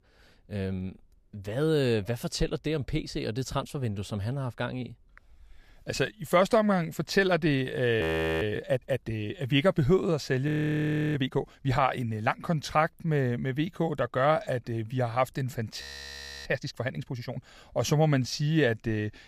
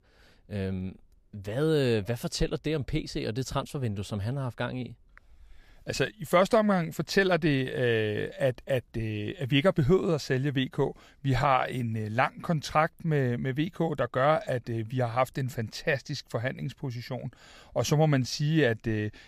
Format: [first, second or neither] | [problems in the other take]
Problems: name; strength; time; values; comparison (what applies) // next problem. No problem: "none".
second | audio freezing; at 8 s, at 10 s for 0.5 s and at 16 s for 0.5 s